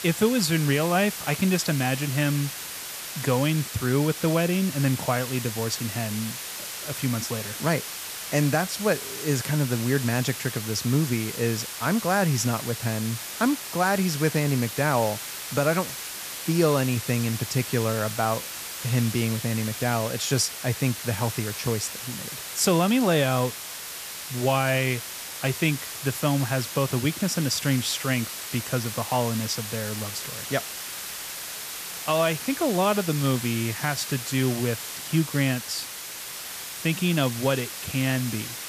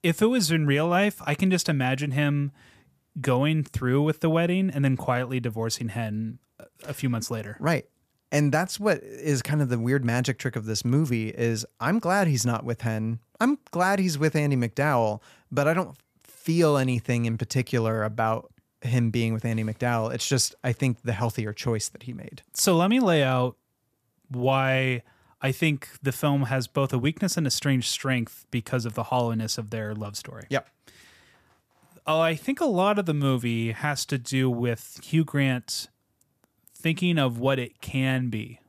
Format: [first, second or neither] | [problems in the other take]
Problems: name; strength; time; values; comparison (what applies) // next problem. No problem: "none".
second | hiss; loud; throughout; 7 dB below the speech